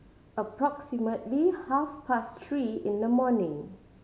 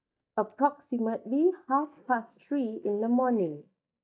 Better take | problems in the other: first | noise reduction (neural mask model DeepFilterNet 3)

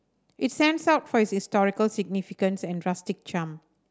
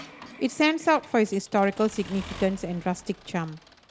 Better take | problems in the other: first | background sound (Accelerating, revving, vroom / Mechanisms); 19 dB below the speech

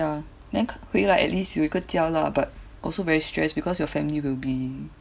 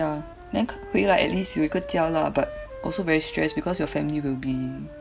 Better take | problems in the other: first | background sound (Wind instrument, woodwind instrument); 14 dB below the speech

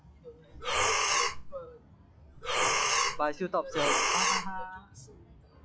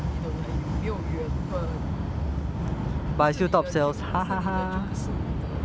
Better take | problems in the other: second | noise reduction (classical method log-MMSE)

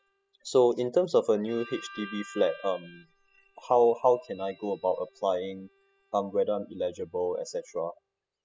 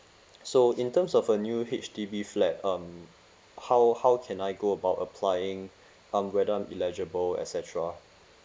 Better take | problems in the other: second | noise reduction (classical method spectral subtraction)

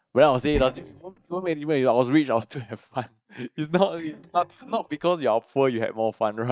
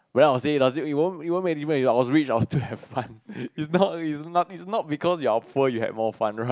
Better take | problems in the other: second | noise reduction (neural mask model DeepFilterNet 3)

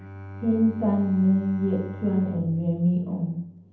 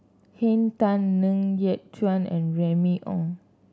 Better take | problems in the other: second | background sound (Bowed string instrument); 14 dB below the speech // room echo; dies away in 0.8 s

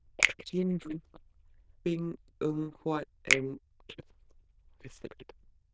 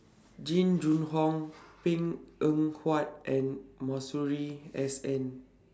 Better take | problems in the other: second | noise reduction (neural diffusion model UNIVERSE++)

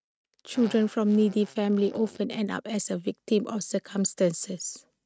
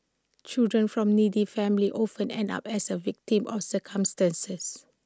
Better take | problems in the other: second | noise reduction (neural mask model RNNoise)

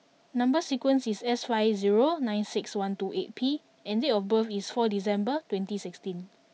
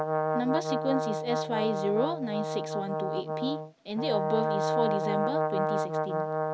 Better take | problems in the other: first | background sound (Brass instrument); 2 dB above the speech

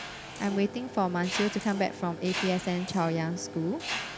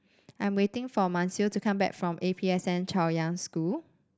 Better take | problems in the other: second | background sound (Mechanisms); 8 dB below the speech

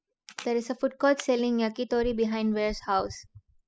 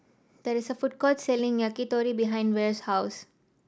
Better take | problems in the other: second | noise reduction (classical method spectral subtraction)

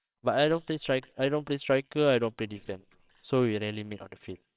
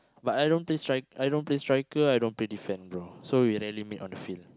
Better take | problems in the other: second | noise reduction (neural separator model SepFormer WHAMR!)

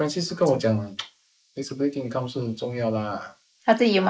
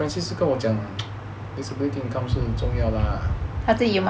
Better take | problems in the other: second | noise reduction (neural mask model Resemble Enhance denoiser)

